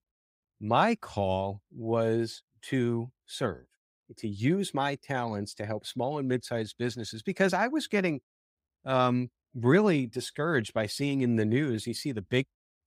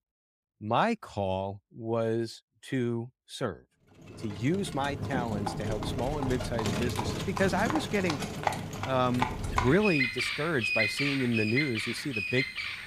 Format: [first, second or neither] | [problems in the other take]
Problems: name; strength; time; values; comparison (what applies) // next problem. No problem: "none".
first | animal sounds; loud; from 4.5 s on; 1 dB below the speech